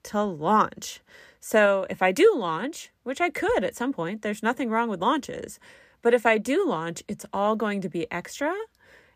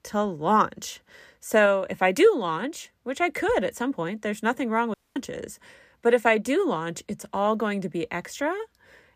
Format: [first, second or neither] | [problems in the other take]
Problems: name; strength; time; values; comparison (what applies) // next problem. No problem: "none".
first | audio cutting out; at 5 s